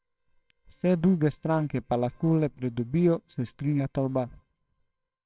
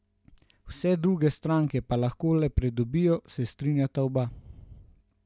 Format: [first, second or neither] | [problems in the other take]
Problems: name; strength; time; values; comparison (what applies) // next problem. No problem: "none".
second | noise reduction (neural separator model SepFormer WHAMR!)